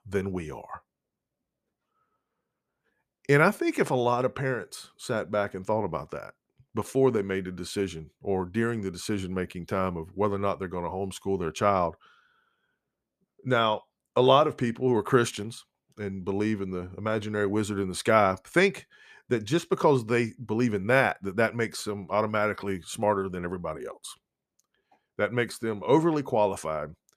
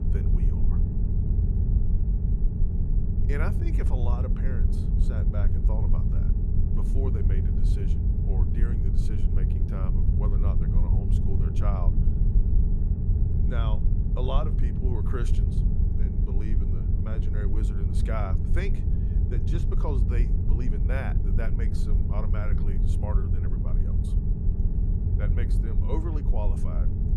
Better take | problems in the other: first | low rumble; loud; throughout; 1 dB below the speech

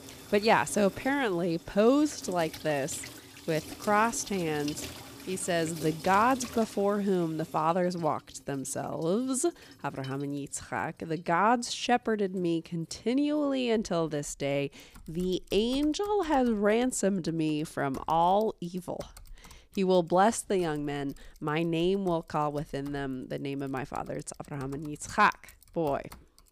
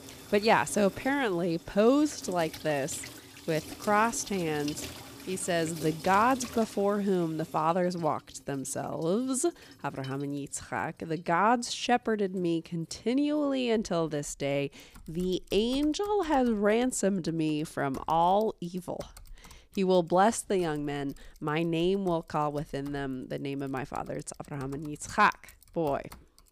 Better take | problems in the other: neither | household noises; noticeable; throughout; 20 dB below the speech; the same in both

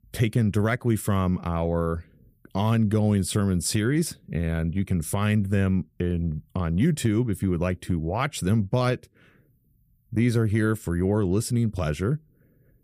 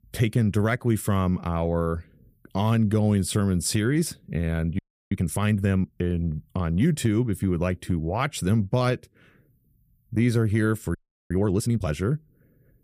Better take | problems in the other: first | audio freezing; at 5 s and at 11 s

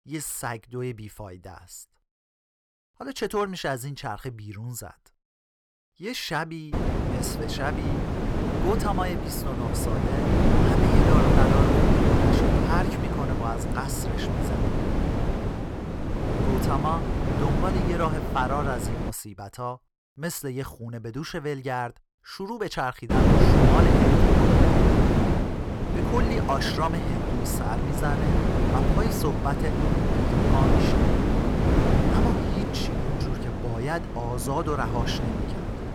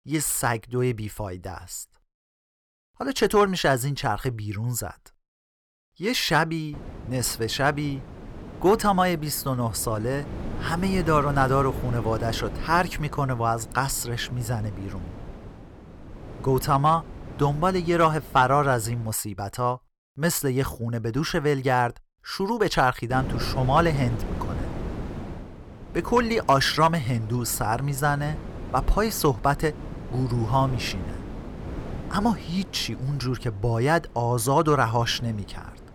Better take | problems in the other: second | wind noise on the microphone; heavy; from 6.5 to 19 s and from 23 s on; 3 dB above the speech; occasional gusts in the second

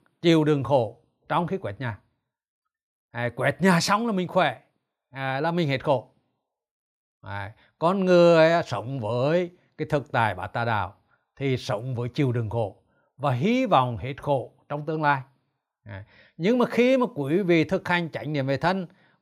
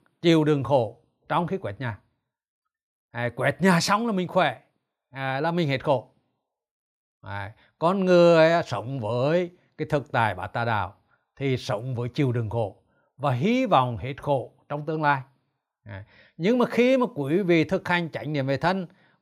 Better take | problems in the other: neither | none

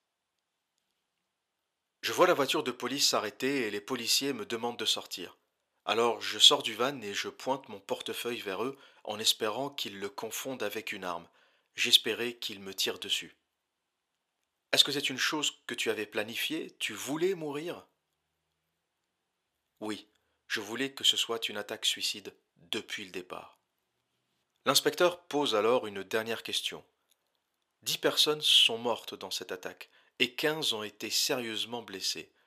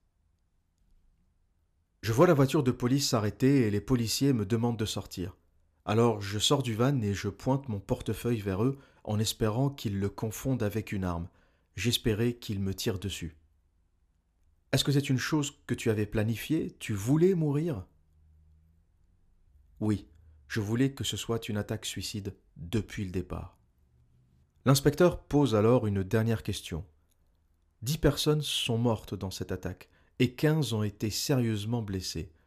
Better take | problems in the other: second | thin; somewhat; fading below 500 Hz

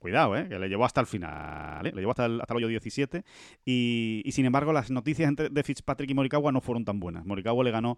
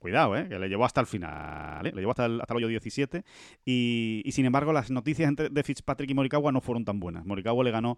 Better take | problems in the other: neither | audio freezing; at 1.5 s for 0.5 s; the same in both

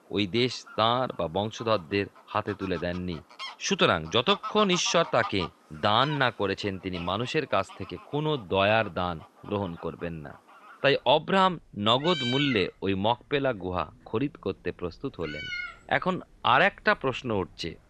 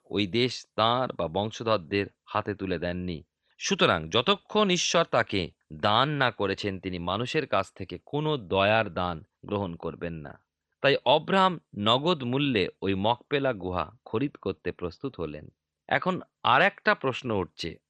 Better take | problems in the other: second | animal sounds; noticeable; throughout; 10 dB below the speech

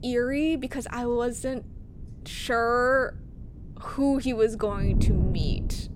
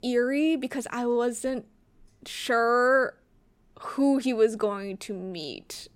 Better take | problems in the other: second | wind noise on the microphone; occasional gusts; 15 dB below the speech

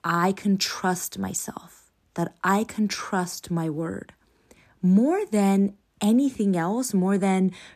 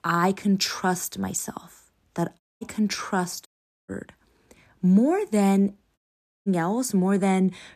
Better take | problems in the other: first | audio cutting out; at 2.5 s, at 3.5 s and at 6 s

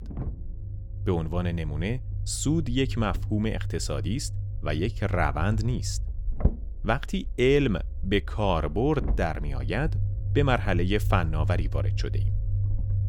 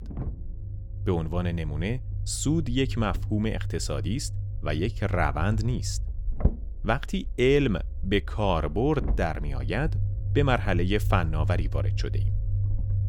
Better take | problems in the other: neither | low rumble; noticeable; throughout; 15 dB below the speech; the same in both

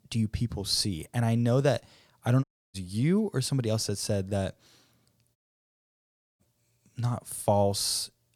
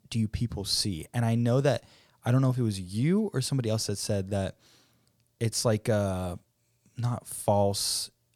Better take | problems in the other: second | audio cutting out; at 2.5 s and at 5.5 s for 1 s

